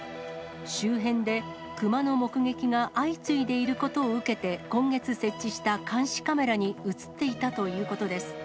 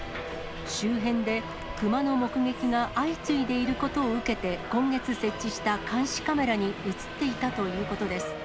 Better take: first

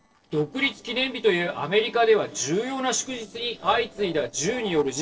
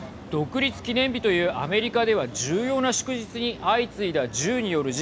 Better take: second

